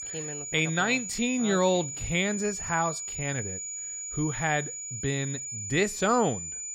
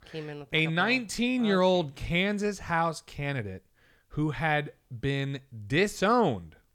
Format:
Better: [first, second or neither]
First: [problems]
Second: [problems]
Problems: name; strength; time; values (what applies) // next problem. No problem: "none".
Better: second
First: high-pitched whine; loud; throughout; 7 kHz, 6 dB below the speech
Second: none